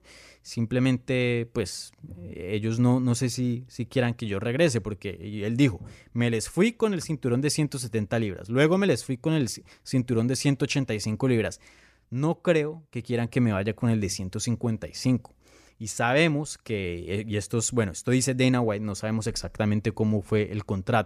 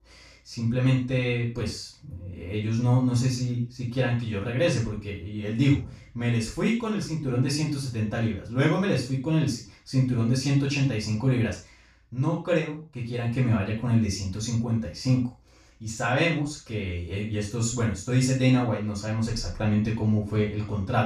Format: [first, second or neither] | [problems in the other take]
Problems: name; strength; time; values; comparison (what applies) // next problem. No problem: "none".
first | room echo; noticeable; dies away in 0.3 s // off-mic speech; far